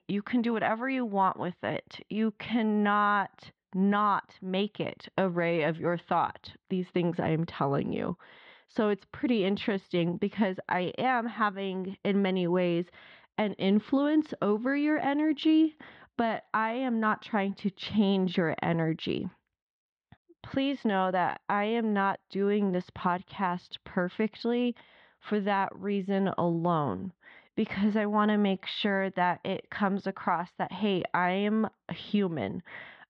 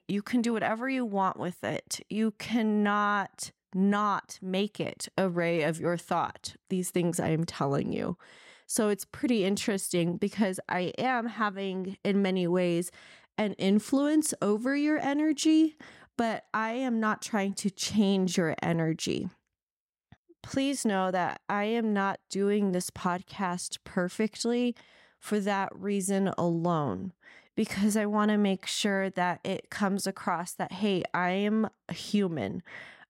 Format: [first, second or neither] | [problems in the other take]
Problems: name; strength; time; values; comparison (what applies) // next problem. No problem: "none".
second | muffled; very; fading above 3.5 kHz